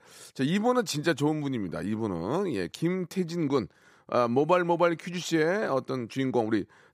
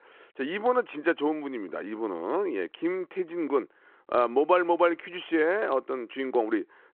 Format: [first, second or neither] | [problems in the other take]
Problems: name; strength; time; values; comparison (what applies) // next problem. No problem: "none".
first | phone-call audio